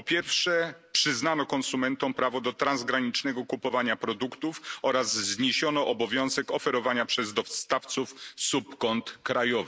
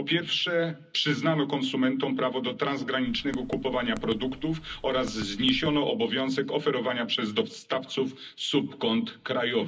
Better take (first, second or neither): first